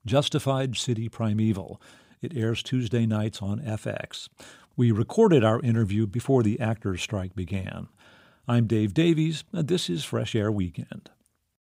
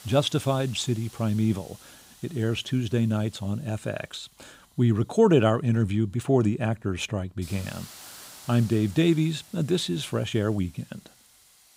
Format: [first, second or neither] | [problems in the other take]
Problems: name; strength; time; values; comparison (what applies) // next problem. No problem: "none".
first | hiss; faint; throughout; 20 dB below the speech